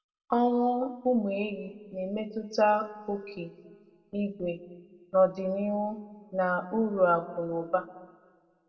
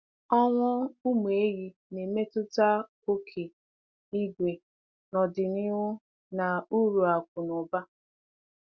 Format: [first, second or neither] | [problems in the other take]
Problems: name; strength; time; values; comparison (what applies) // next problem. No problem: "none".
second | room echo; dies away in 1 s